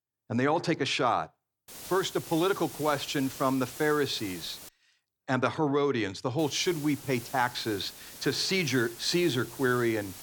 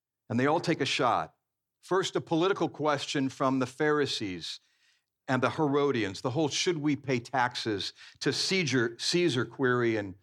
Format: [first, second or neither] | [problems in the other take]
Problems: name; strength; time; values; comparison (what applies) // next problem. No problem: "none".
second | hiss; noticeable; from 1.5 to 4.5 s and from 6.5 s on; 15 dB below the speech